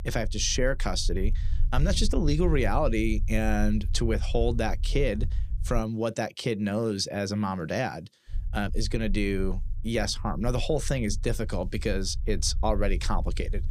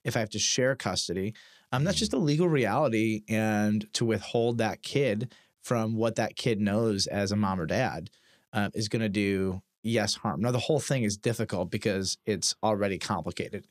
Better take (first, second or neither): second